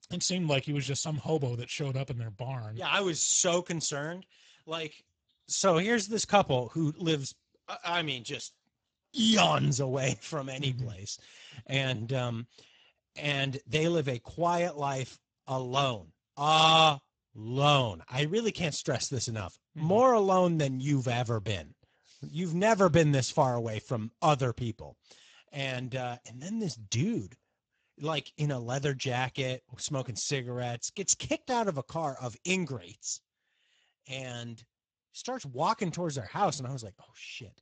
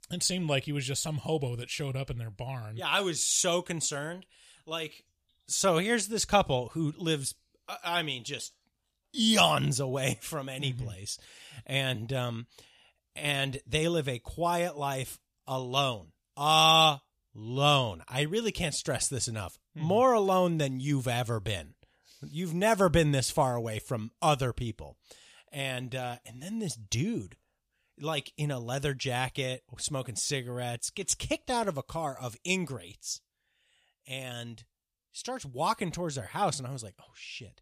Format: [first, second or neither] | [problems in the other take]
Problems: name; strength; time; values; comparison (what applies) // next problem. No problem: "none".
second | garbled, watery; badly; nothing above 7.5 kHz